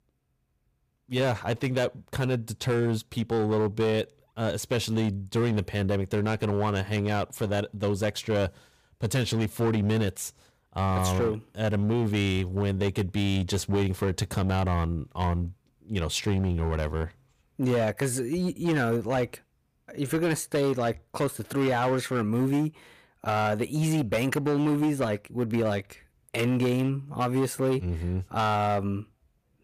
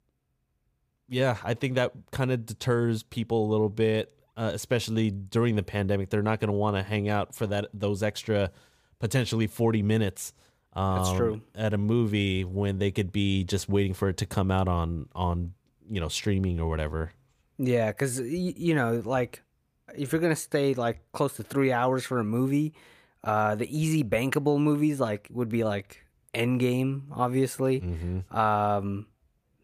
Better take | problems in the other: second | distortion; slight; 11% of the sound clipped

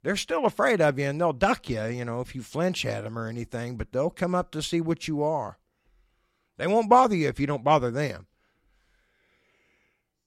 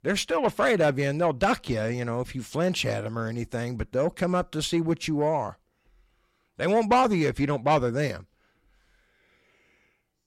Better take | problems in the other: first | distortion; slight; 10 dB below the speech

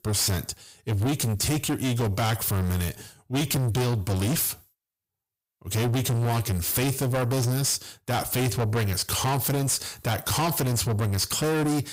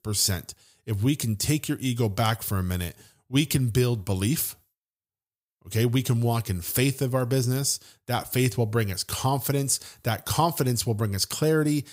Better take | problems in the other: second | distortion; heavy; 6 dB below the speech

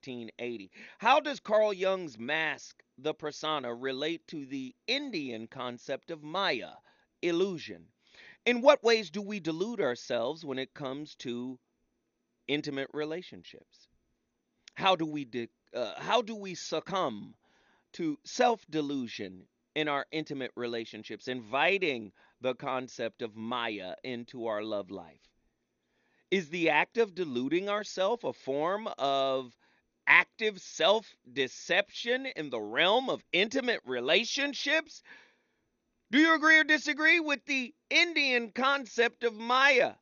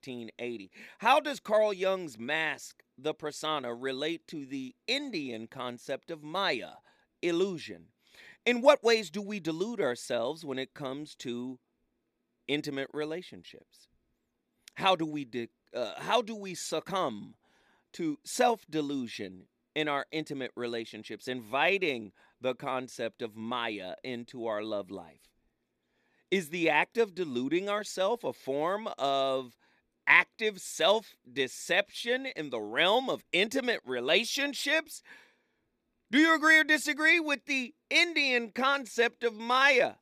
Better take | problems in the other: second | garbled, watery; slightly; nothing above 6.5 kHz

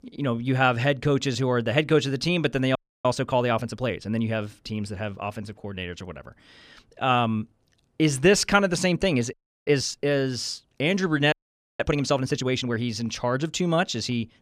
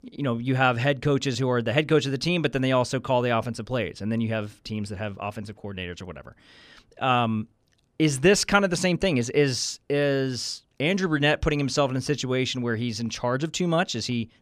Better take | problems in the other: second | audio freezing; at 3 s, at 9.5 s and at 11 s

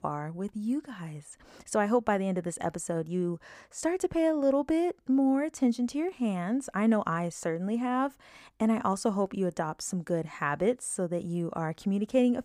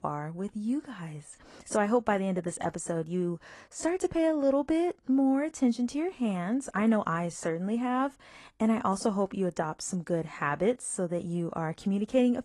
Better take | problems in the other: first | garbled, watery; slightly

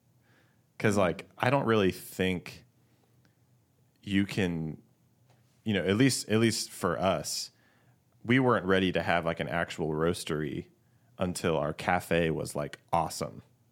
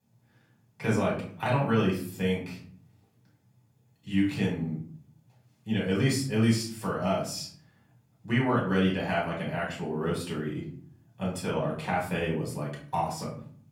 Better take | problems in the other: first | off-mic speech; far // room echo; slight; dies away in 0.5 s

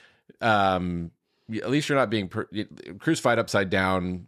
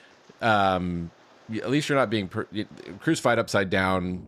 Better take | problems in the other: first | rain or running water; faint; throughout; 30 dB below the speech

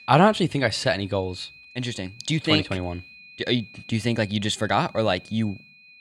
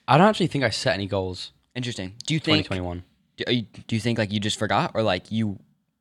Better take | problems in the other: second | high-pitched whine; faint; throughout; 2.5 kHz, 20 dB below the speech

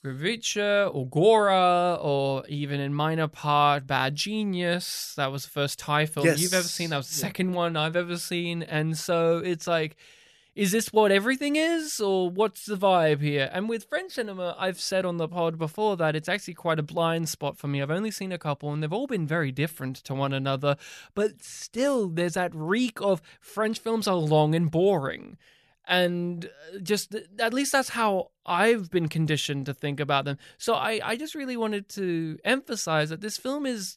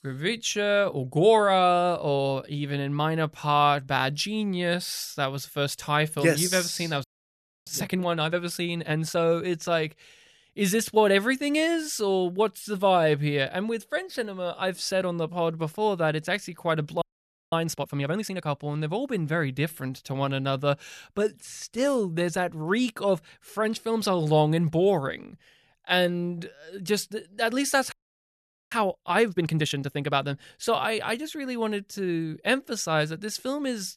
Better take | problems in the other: first | audio freezing; at 7 s for 0.5 s, at 17 s for 0.5 s and at 28 s for 1 s

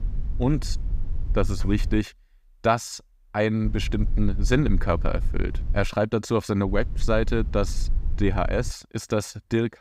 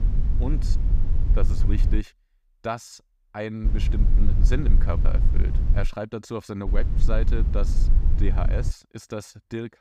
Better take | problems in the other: first | low rumble; loud; until 2 s, from 3.5 to 6 s and from 6.5 to 8.5 s; 8 dB below the speech; faint in the first

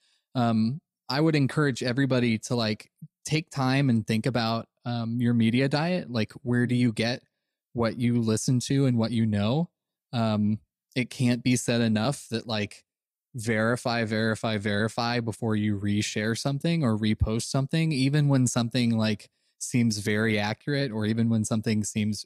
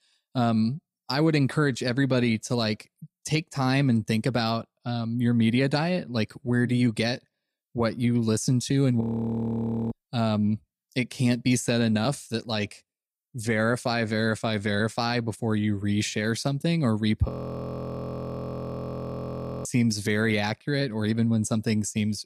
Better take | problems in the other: first | audio freezing; at 9 s for 1 s and at 17 s for 2.5 s

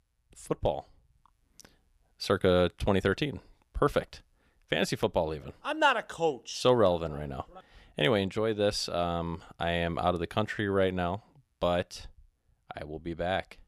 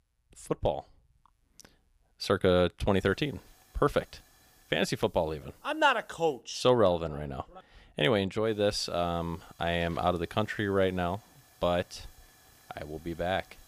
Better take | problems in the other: first | hiss; faint; from 3 to 6.5 s and from 8.5 s on; 30 dB below the speech

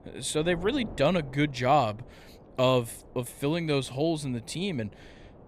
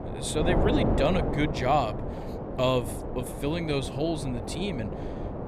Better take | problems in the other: first | wind noise on the microphone; heavy; 5 dB below the speech; occasional gusts in the first

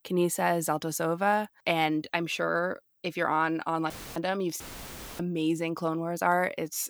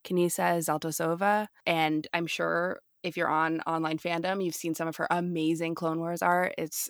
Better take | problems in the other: second | audio cutting out; filled with static; at 4 s and at 4.5 s for 0.5 s

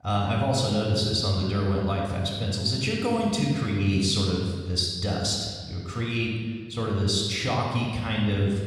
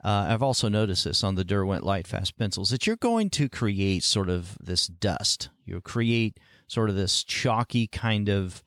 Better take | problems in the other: second | off-mic speech; somewhat distant // room echo; noticeable; dies away in 1.6 s

